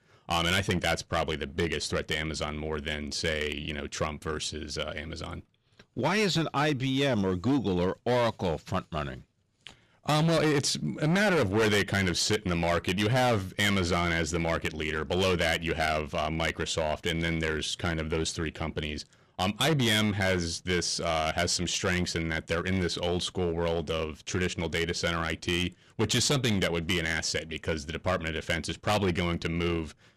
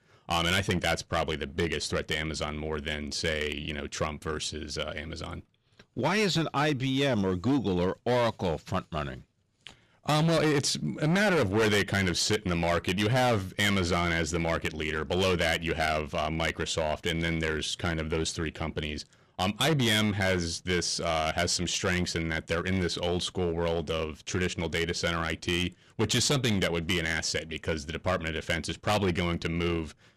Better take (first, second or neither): neither